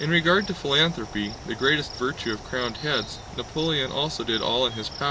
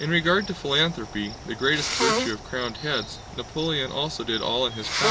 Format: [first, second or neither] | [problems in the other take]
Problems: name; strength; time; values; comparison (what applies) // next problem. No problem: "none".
first | background sound (Sneeze); 5 dB below the speech